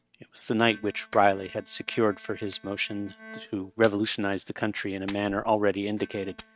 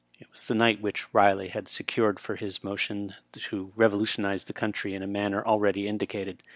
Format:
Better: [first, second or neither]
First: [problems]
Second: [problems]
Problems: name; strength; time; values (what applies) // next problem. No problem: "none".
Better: second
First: noise reduction (neural mask model RNNoise)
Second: none